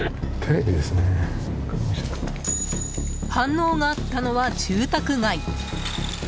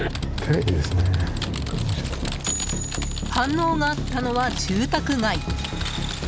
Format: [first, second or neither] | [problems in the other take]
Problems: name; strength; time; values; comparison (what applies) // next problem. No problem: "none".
first | background sound (Typing + Bass guitar); 10 dB below the speech